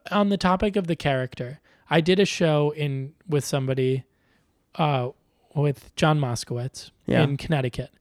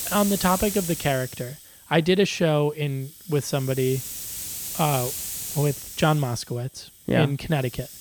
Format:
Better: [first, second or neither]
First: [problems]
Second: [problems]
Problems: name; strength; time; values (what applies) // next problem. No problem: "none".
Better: first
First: none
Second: hiss; loud; throughout; 7 dB below the speech